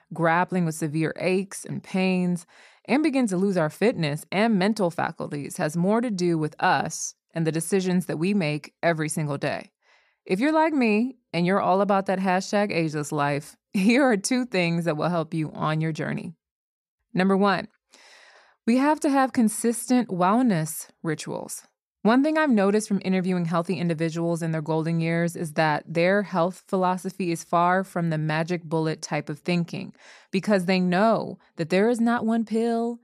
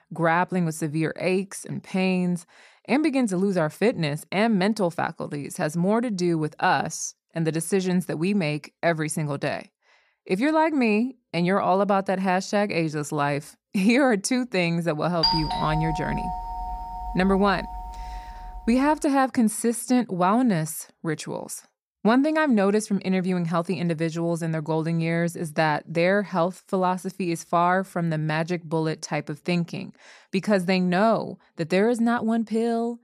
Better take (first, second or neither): first